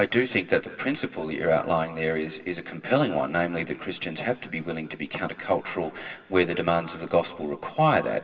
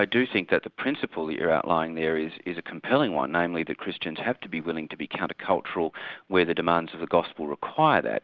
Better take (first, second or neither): second